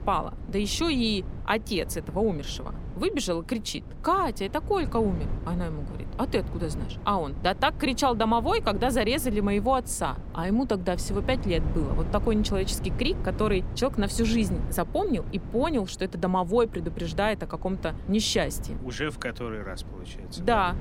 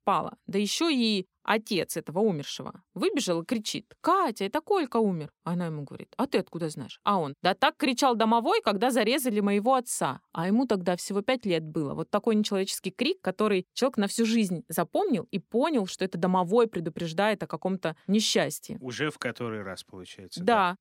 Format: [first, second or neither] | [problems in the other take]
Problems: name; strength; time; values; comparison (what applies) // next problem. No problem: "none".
second | wind noise on the microphone; occasional gusts; 20 dB below the speech